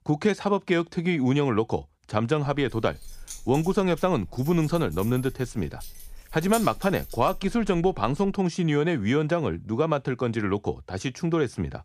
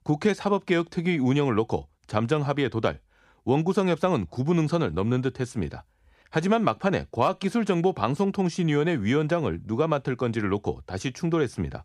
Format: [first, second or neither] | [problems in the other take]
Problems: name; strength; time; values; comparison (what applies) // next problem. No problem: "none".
second | jangling keys; noticeable; from 2.5 to 8.5 s; peak 9 dB below the speech